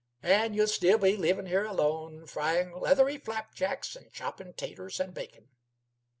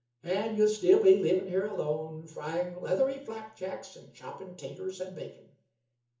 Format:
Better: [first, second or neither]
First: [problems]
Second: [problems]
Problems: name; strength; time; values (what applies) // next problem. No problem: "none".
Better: first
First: none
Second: room echo; dies away in 0.6 s